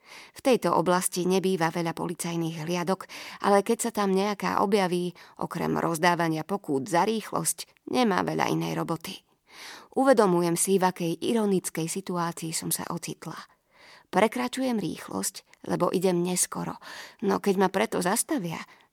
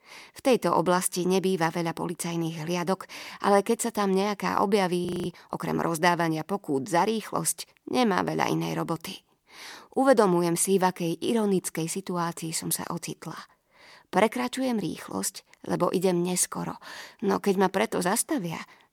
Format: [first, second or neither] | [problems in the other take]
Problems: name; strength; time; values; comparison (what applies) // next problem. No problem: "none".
first | audio freezing; at 5 s